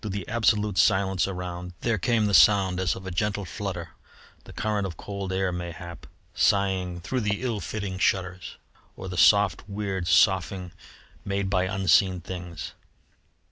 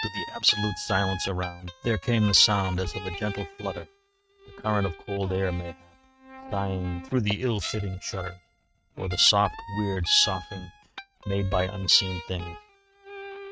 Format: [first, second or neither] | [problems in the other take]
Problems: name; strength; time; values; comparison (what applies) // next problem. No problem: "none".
first | noise reduction (neural mask model RNNoise)